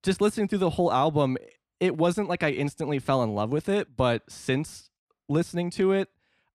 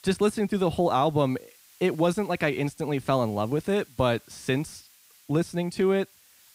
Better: first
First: none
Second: hiss; faint; throughout; 25 dB below the speech

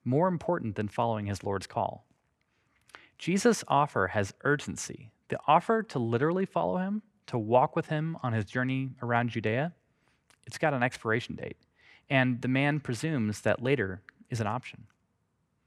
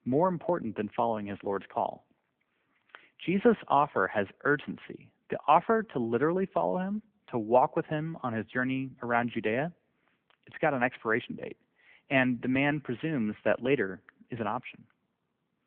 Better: first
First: none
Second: phone-call audio

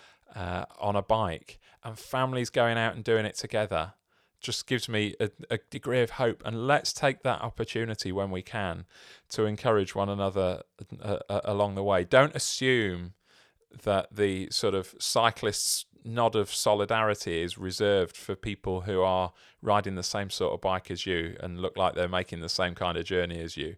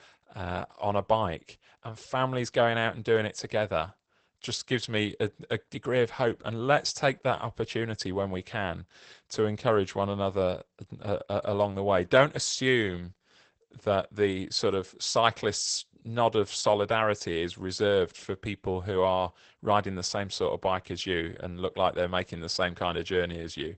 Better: first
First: none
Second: garbled, watery; badly; nothing above 8 kHz

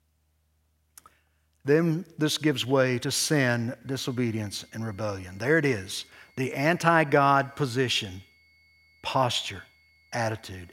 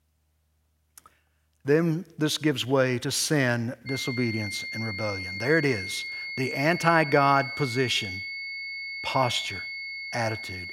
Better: first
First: high-pitched whine; faint; from 4 s on; 2 kHz, 35 dB below the speech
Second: high-pitched whine; loud; from 4 s on; 2 kHz, 7 dB below the speech

